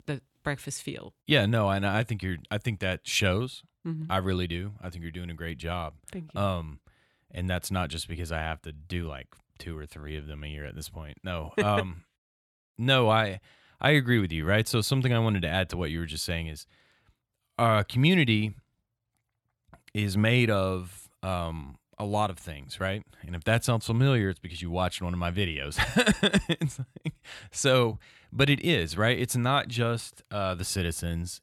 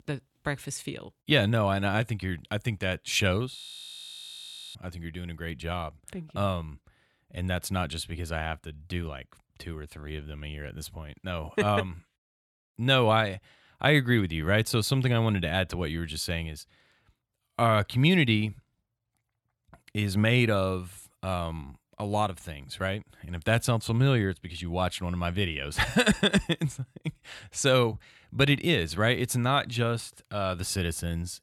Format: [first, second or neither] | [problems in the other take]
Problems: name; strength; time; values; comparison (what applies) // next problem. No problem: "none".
first | audio freezing; at 3.5 s for 1 s